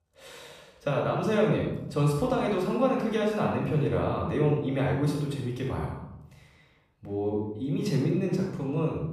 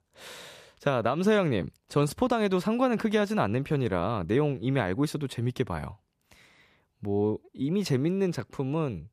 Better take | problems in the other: second | off-mic speech; far // room echo; noticeable; dies away in 0.7 s

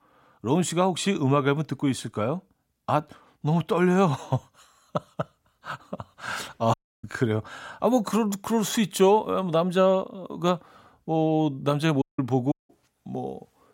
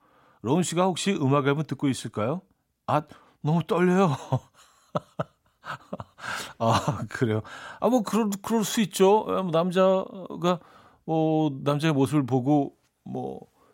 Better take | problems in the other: second | audio cutting out; at 6.5 s, at 12 s and at 13 s

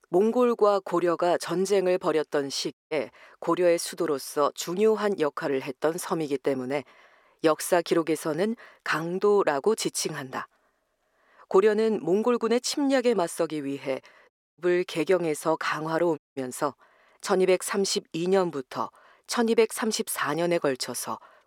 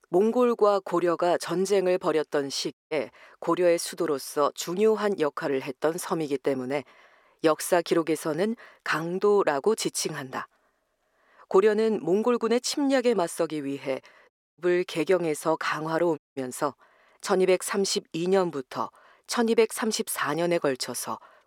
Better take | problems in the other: neither | audio cutting out; at 2.5 s, at 14 s and at 16 s; the same in both

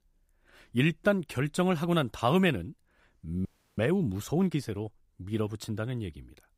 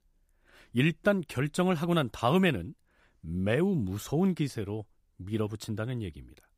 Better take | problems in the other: second | audio freezing; at 3.5 s

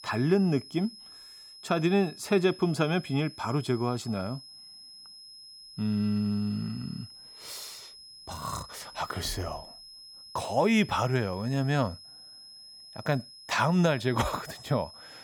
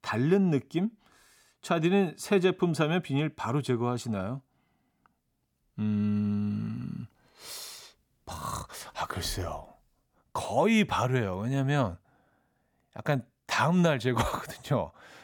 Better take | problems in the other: second | high-pitched whine; noticeable; throughout; 5 kHz, 15 dB below the speech

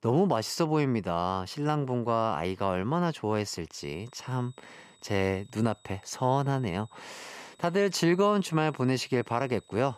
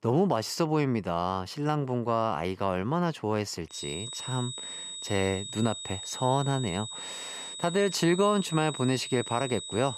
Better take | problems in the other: first | high-pitched whine; loud; from 3.5 s on; 3.5 kHz, 8 dB below the speech; faint in the first

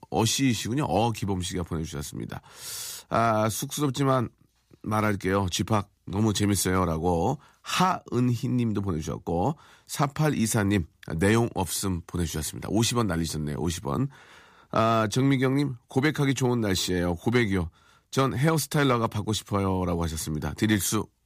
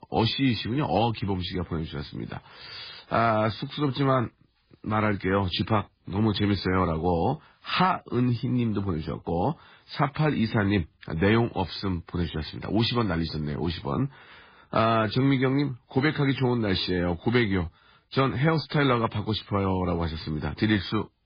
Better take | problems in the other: first | garbled, watery; badly

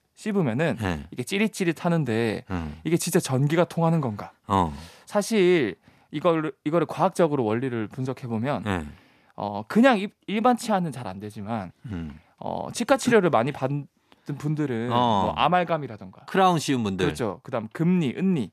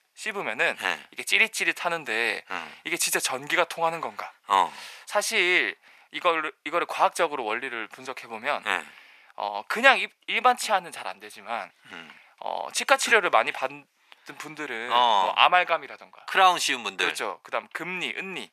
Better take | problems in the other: first | thin; very; fading below 800 Hz

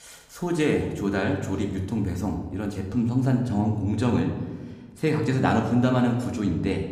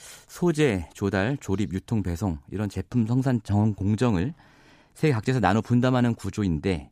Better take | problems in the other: second | room echo; slight; dies away in 1 s

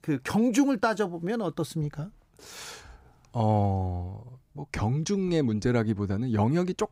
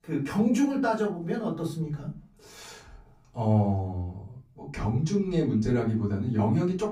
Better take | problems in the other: first | off-mic speech; far // room echo; slight; dies away in 0.3 s

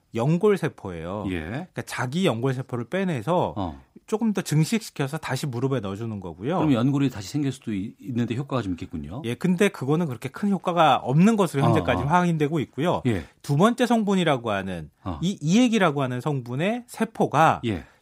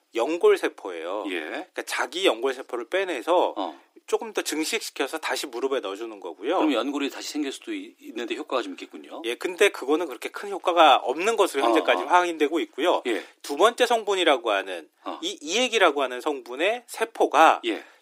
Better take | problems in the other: first | thin; very; fading below 300 Hz

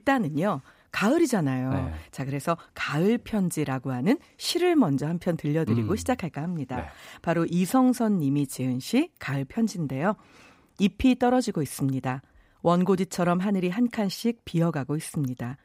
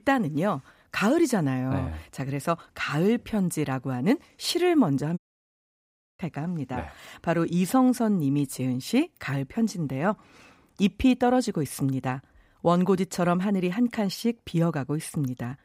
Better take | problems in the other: first | audio cutting out; at 5 s for 1 s

